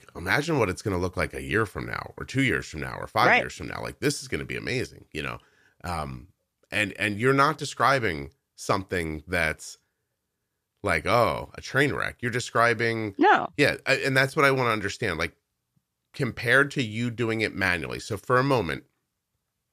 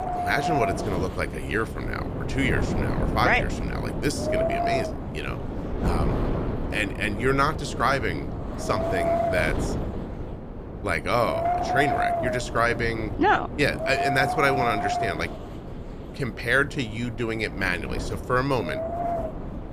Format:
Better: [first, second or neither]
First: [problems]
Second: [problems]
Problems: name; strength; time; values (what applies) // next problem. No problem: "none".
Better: first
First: none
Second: wind noise on the microphone; heavy; 3 dB below the speech